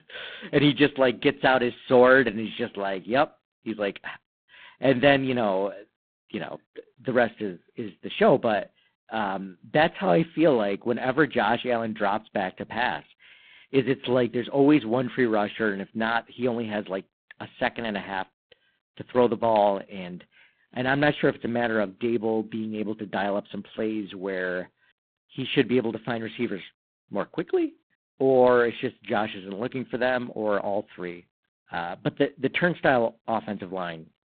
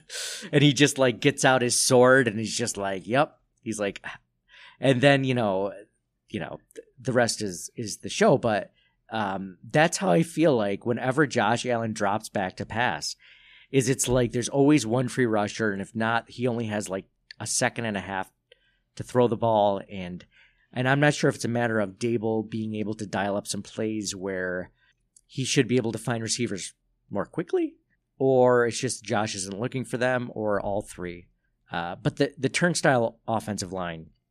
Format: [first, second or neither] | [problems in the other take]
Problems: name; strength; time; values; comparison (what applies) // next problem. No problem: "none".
second | phone-call audio; poor line; nothing above 4 kHz